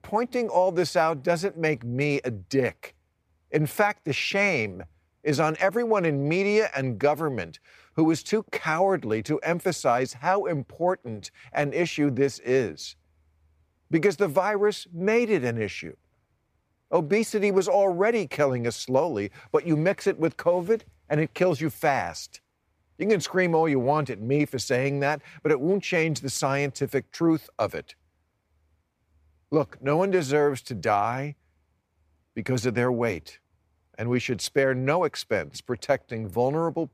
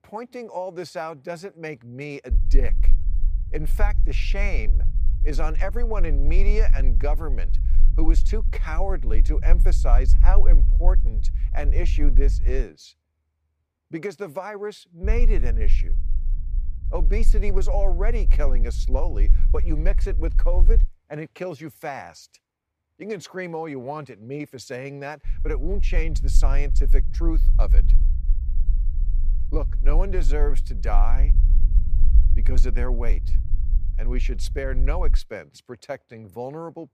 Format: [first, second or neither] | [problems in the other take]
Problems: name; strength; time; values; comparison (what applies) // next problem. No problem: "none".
first | low rumble; noticeable; from 2.5 to 13 s, from 15 to 21 s and from 25 to 35 s; 15 dB below the speech